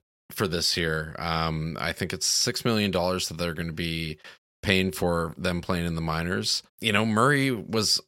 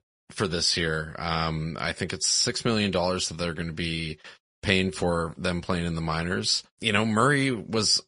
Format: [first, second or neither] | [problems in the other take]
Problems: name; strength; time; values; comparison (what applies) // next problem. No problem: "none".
first | garbled, watery; slightly; nothing above 10.5 kHz